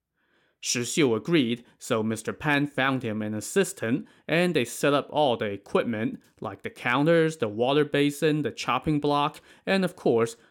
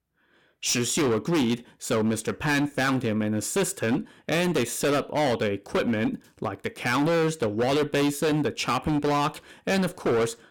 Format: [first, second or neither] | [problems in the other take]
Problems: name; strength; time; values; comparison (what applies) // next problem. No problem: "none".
first | distortion; heavy; 18% of the sound clipped